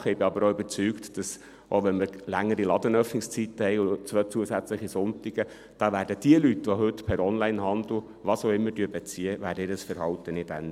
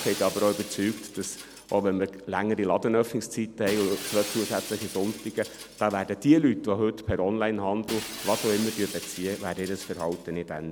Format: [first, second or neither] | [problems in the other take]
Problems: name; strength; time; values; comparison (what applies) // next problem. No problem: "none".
first | background sound (Shatter); 13 dB below the speech